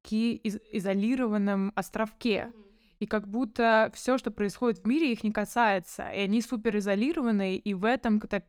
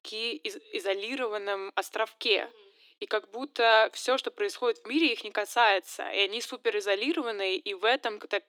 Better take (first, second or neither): first